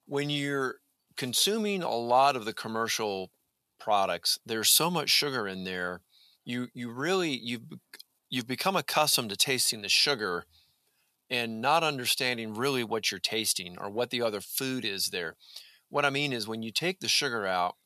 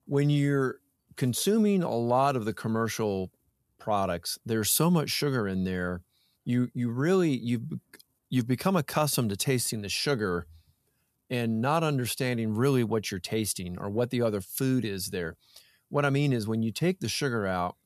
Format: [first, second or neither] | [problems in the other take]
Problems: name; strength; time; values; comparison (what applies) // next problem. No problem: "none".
second | thin; somewhat; fading below 600 Hz